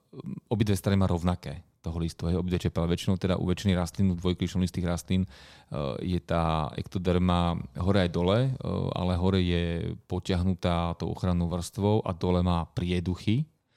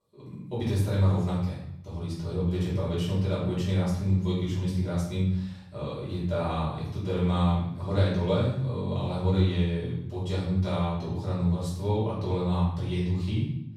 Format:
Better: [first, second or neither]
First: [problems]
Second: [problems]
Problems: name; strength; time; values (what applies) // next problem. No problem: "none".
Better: first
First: none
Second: off-mic speech; far // room echo; noticeable; dies away in 0.7 s